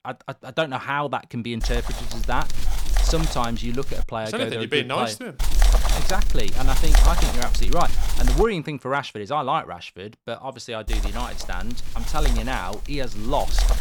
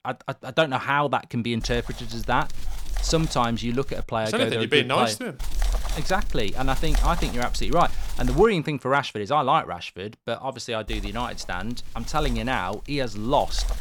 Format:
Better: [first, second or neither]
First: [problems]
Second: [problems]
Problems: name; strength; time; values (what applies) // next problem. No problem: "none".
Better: second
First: wind noise on the microphone; heavy; from 1.5 to 4 s, from 5.5 to 8.5 s and from 11 s on; 6 dB below the speech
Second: wind noise on the microphone; occasional gusts; from 1.5 to 4 s, from 5.5 to 8.5 s and from 11 s on; 15 dB below the speech